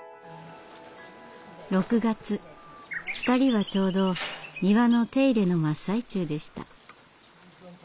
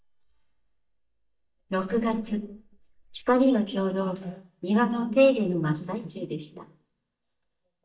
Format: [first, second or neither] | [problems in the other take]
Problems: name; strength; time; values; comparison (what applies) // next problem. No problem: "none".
first | noise reduction (neural mask model DeepFilterNet 3)